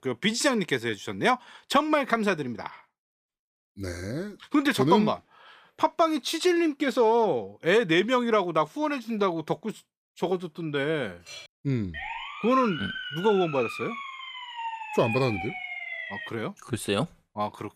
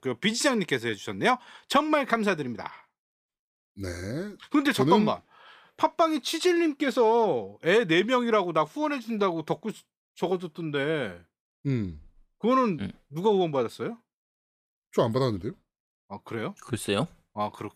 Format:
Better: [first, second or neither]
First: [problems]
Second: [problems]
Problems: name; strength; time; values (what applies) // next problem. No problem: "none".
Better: second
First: clattering dishes; faint; at 11 s; peak 15 dB below the speech // siren; noticeable; from 12 to 16 s; peak 6 dB below the speech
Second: none